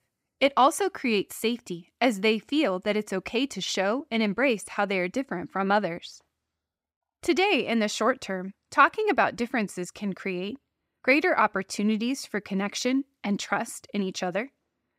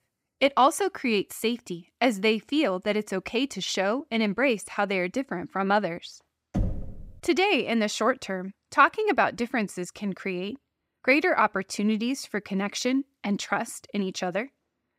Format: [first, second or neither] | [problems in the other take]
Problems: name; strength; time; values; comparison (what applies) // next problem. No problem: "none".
first | door banging; noticeable; at 6.5 s; peak 5 dB below the speech